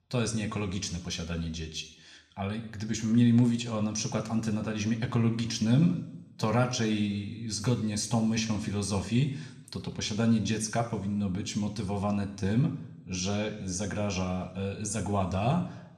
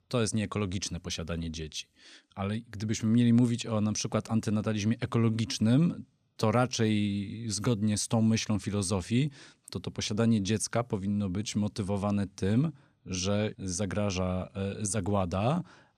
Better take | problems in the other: second | room echo; slight; dies away in 0.7 s

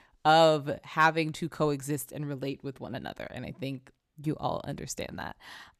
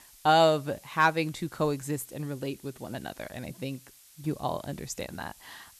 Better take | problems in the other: first | hiss; faint; throughout; 25 dB below the speech

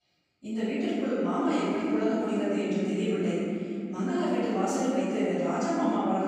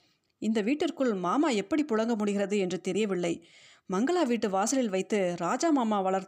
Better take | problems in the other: second | room echo; strong; dies away in 3 s // off-mic speech; far

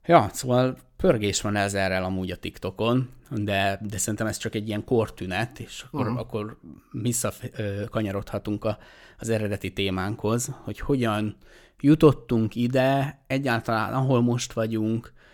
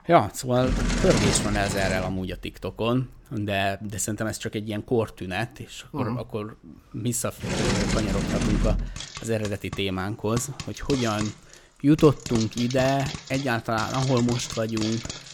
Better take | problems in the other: first | household noises; loud; throughout; 3 dB below the speech

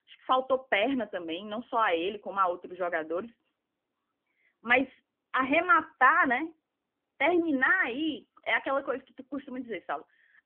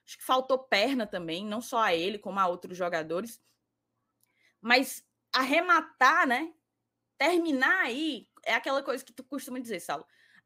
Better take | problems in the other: second | phone-call audio; nothing above 3.5 kHz

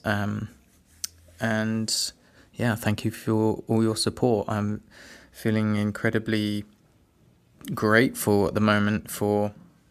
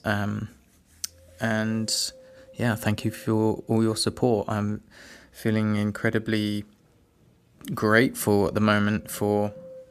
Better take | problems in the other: first | wind noise on the microphone; occasional gusts; 25 dB below the speech

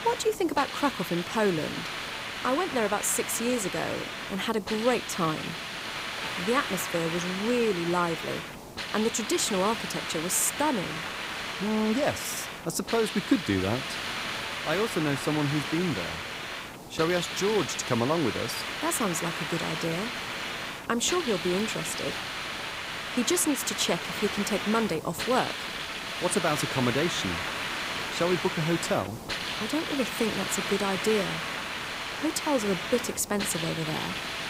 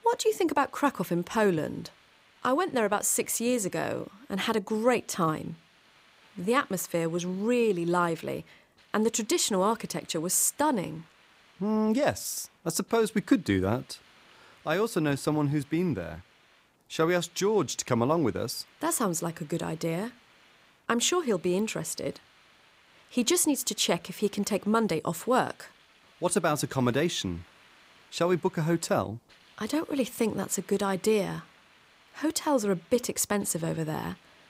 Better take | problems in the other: second | hiss; loud; throughout; 4 dB below the speech; faint in the second

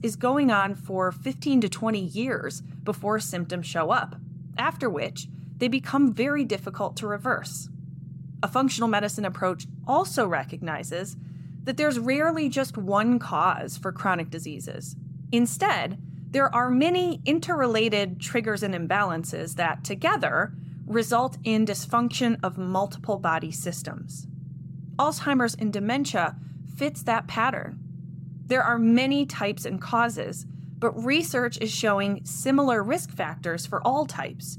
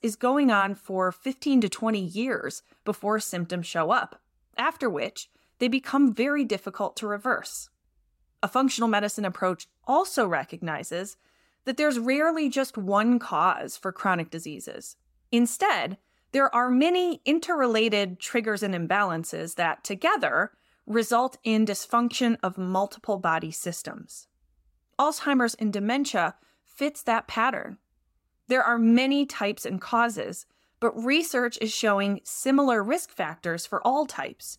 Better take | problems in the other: second | low rumble; faint; throughout; 25 dB below the speech

